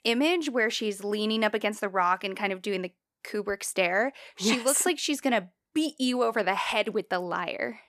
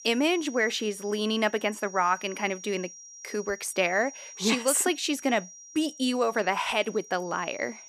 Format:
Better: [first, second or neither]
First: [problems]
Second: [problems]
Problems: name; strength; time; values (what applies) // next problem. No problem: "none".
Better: first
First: none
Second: high-pitched whine; noticeable; throughout; 5.5 kHz, 15 dB below the speech